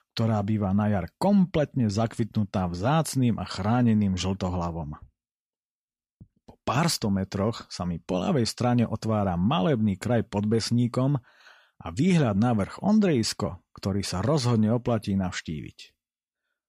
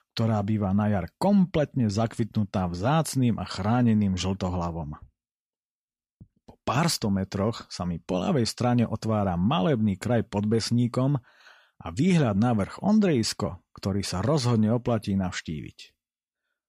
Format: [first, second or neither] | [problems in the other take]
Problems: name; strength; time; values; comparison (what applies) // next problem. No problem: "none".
neither | none